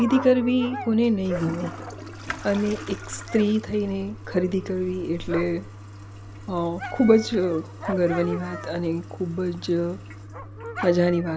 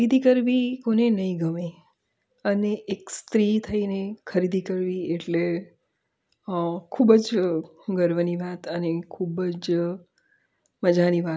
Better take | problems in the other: second | background sound (Toilet flush + Dog); 11 dB below the speech

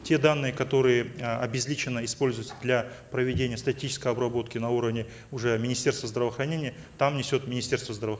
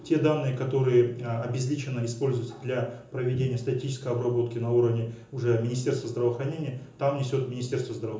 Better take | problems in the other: first | room echo; dies away in 0.6 s

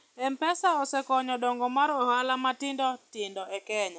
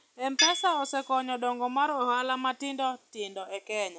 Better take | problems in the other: first | background sound (Tools); 5 dB below the speech

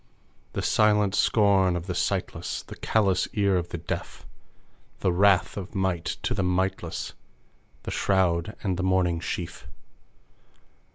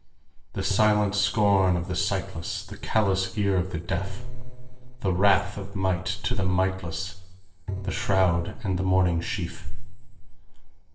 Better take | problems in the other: first | noise reduction (neural separator model SepFormer DNS4)

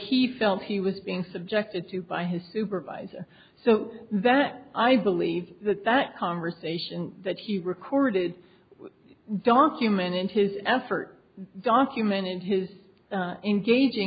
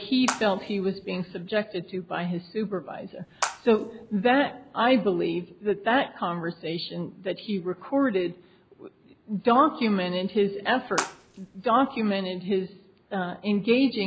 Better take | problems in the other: first | background sound (Water / Splash, splatter); 11 dB below the speech

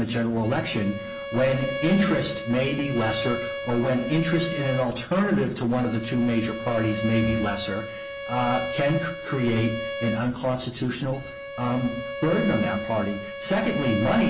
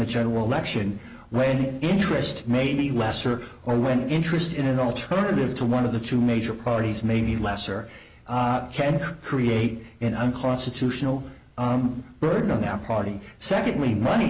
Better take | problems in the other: second | background sound (Bowed string instrument); 8 dB below the speech // room echo; dies away in 0.6 s

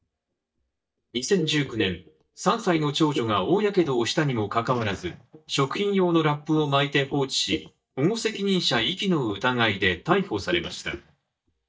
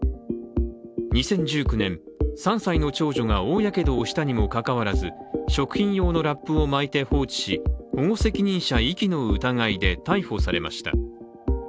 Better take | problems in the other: second | noise reduction (neural mask model DeepFilterNet 3)

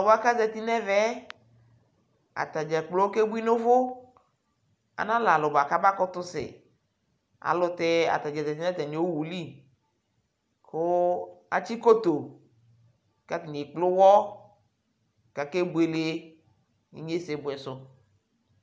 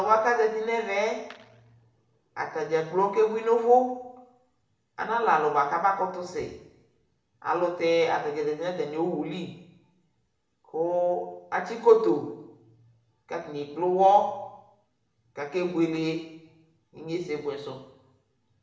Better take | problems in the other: first | room echo; dies away in 0.8 s

